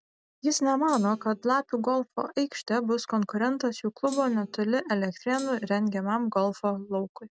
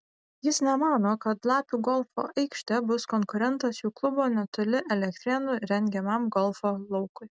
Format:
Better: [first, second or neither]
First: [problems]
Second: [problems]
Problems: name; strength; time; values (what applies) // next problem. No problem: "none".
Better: second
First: background sound (Thump, thud); 19 dB below the speech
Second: none